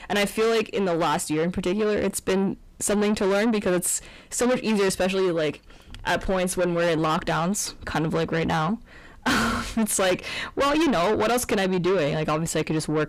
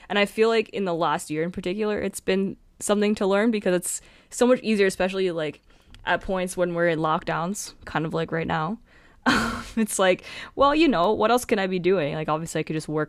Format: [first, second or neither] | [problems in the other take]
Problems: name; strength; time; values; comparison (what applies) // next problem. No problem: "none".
second | distortion; heavy; 7 dB below the speech